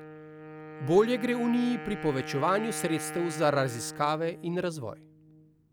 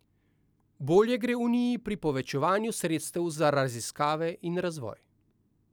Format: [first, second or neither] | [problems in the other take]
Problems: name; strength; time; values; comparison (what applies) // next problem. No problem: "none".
second | background sound (Wind instrument, woodwind instrument); 12 dB below the speech